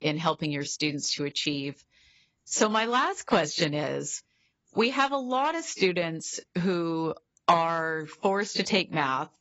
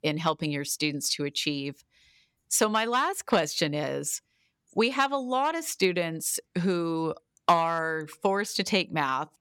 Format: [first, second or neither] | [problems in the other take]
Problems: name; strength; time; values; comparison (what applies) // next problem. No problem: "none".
second | garbled, watery; badly; nothing above 7.5 kHz